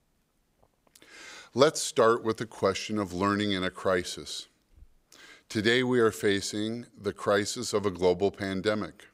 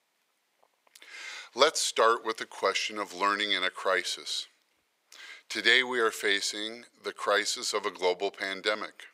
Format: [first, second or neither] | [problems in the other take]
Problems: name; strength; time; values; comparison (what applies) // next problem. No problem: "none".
first | thin; very; fading below 550 Hz